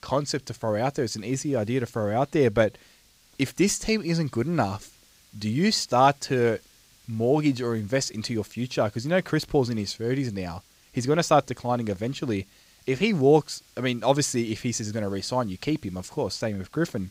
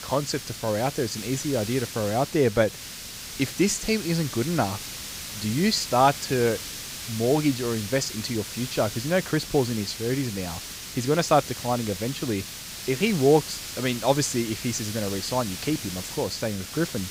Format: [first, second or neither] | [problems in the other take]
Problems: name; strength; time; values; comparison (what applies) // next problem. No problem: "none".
first | hiss; loud; throughout; 8 dB below the speech; faint in the first